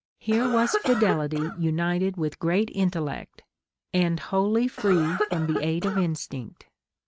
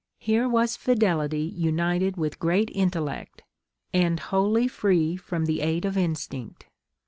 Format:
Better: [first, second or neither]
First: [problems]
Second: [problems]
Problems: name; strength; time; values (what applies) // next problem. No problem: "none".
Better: second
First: noise reduction (neural mask model RNNoise)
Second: none